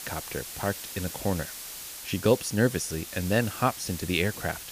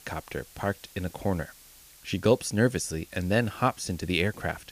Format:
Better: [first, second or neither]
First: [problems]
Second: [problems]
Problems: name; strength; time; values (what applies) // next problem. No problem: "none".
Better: second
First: hiss; loud; throughout; 9 dB below the speech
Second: hiss; faint; throughout; 20 dB below the speech